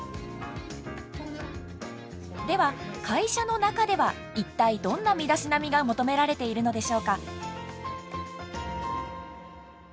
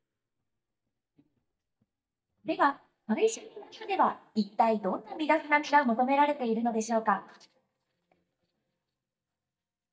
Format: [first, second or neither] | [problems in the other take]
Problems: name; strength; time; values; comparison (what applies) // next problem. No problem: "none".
first | noise reduction (neural mask model DeepFilterNet 3)